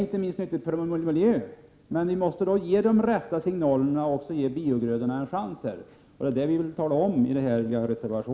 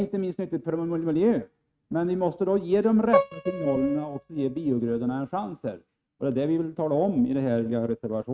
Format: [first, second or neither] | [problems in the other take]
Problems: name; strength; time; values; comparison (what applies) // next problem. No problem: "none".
first | noise reduction (neural mask model RNNoise)